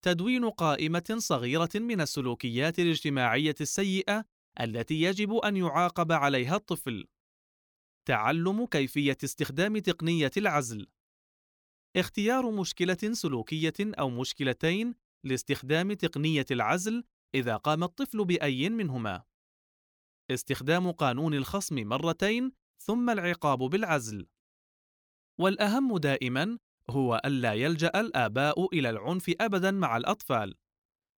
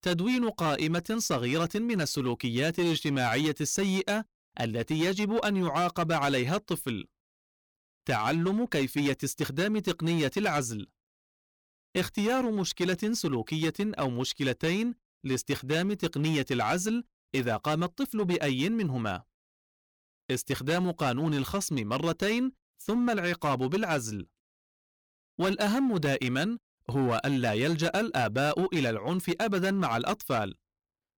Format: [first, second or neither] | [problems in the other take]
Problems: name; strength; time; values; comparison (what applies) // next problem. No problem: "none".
first | distortion; slight; 10% of the sound clipped